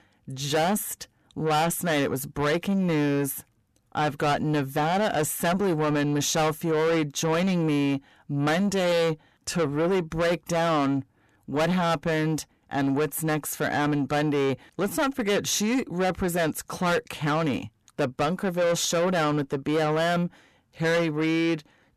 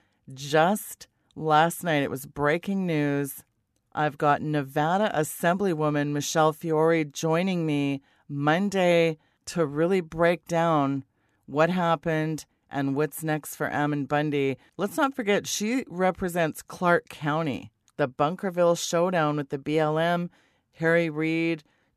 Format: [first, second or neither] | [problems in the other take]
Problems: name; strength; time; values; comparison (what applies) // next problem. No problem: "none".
second | distortion; heavy; 7 dB below the speech